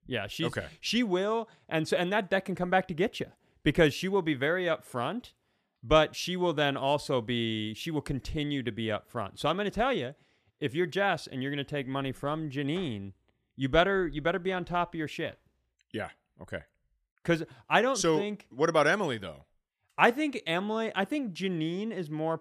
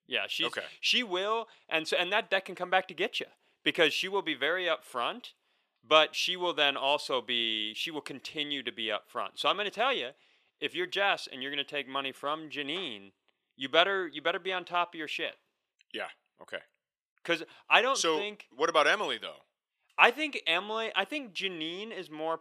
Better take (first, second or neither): first